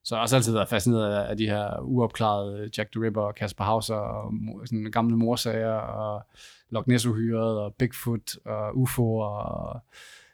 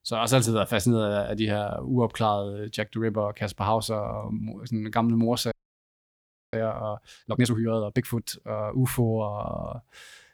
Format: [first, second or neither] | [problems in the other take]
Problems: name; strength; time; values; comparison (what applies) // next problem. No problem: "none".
first | audio freezing; at 5.5 s for 1 s